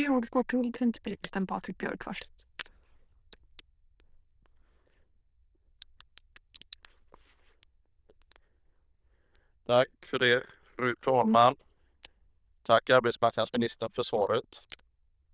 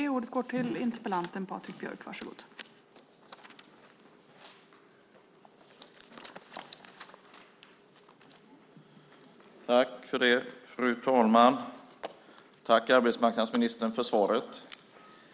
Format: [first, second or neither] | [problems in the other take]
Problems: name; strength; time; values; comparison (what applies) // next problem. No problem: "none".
second | noise reduction (neural diffusion model UNIVERSE++)